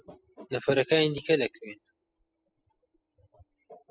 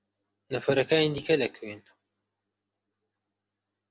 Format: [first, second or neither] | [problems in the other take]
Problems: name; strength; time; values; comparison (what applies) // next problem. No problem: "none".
second | noise reduction (classical method spectral subtraction)